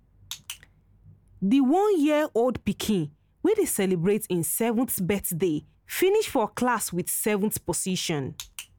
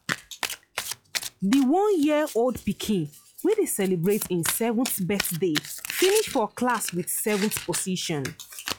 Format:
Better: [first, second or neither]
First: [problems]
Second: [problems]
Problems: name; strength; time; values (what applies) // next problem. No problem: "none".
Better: first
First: none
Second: noise reduction (classical method log-MMSE)